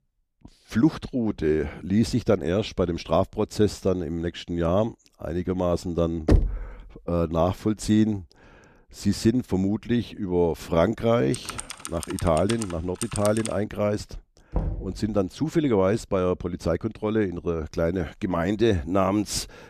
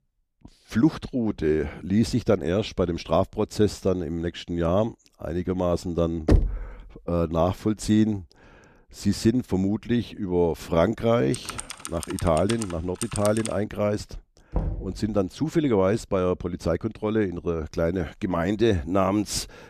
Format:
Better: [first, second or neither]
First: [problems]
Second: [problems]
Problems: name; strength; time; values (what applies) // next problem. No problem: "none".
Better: neither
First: door banging; loud; at 6.5 s; peak 2 dB above the speech // keyboard typing; noticeable; from 11 to 14 s; peak 7 dB below the speech // door banging; noticeable; at 15 s; peak 6 dB below the speech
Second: door banging; loud; at 6.5 s; peak 2 dB above the speech // keyboard typing; noticeable; from 11 to 14 s; peak 7 dB below the speech // door banging; noticeable; at 15 s; peak 6 dB below the speech